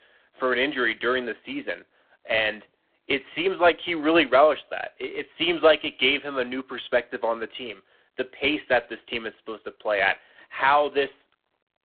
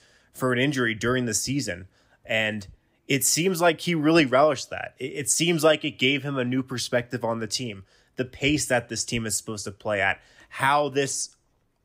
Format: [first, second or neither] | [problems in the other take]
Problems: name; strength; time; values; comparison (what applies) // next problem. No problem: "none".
second | phone-call audio; poor line